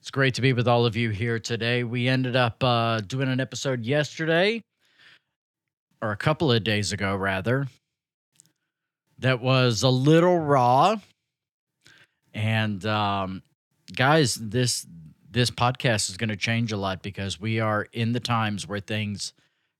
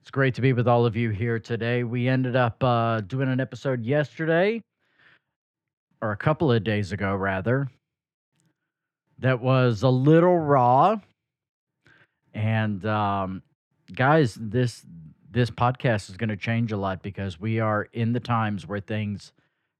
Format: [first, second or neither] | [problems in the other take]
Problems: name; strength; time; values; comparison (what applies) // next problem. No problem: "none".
first | muffled; slightly; fading above 3 kHz